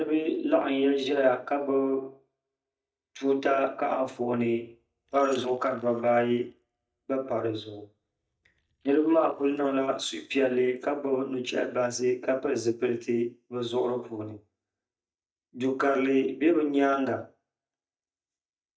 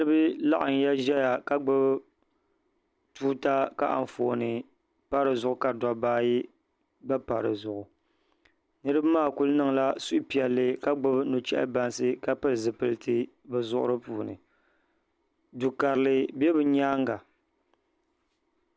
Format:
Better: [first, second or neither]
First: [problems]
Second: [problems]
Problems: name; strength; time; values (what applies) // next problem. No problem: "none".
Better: second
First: noise reduction (neural mask model DeepFilterNet 3)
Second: none